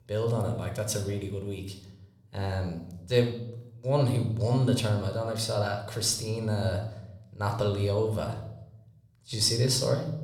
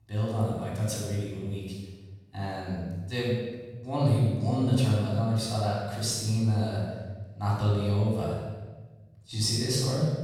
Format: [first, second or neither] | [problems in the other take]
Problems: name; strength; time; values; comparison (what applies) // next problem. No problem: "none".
first | room echo; strong; dies away in 1.2 s; slight in the first // off-mic speech; far